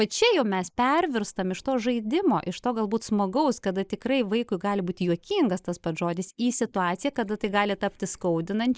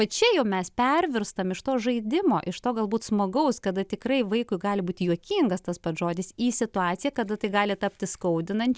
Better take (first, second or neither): second